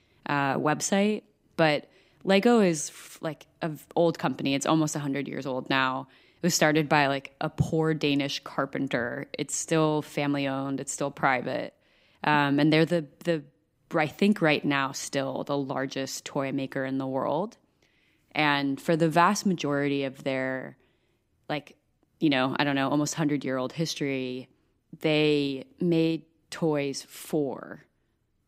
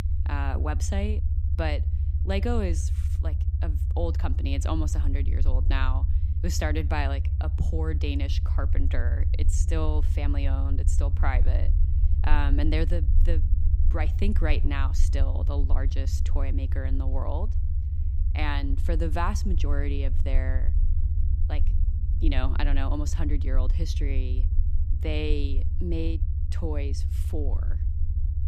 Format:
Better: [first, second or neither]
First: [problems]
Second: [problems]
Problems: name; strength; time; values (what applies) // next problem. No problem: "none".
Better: first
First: none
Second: low rumble; loud; throughout; 10 dB below the speech